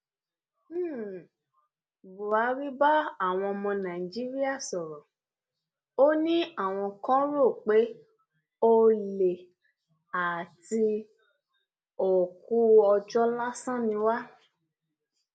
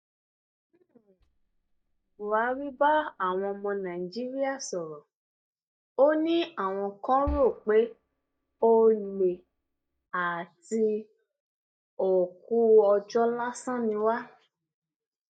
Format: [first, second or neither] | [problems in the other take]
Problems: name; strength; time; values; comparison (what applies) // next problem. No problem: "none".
first | noise reduction (neural mask model DeepFilterNet 3)